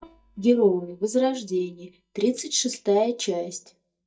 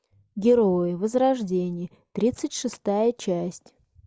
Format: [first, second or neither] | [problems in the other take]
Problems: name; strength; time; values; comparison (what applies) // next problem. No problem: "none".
second | noise reduction (neural mask model DeepFilterNet 3)